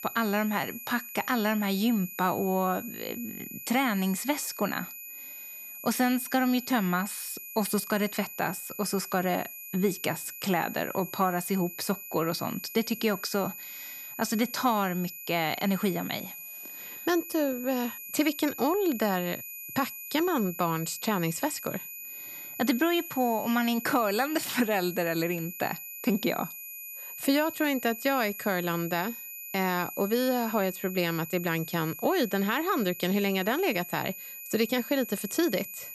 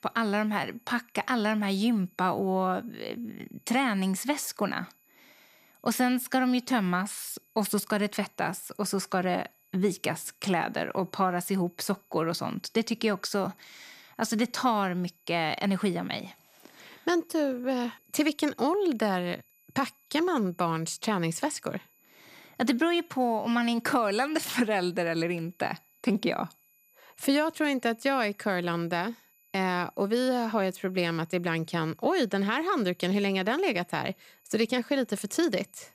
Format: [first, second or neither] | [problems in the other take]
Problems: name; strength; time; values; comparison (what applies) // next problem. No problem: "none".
second | high-pitched whine; loud; throughout; 12 kHz, 10 dB below the speech; faint in the second